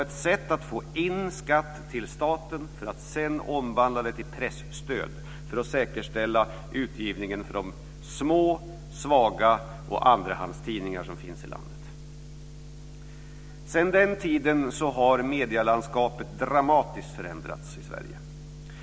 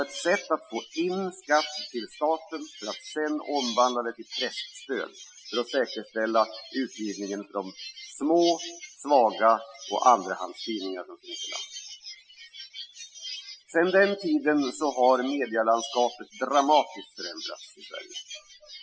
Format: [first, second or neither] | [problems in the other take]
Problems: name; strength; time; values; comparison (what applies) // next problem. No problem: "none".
first | noise reduction (classical method Wiener filter)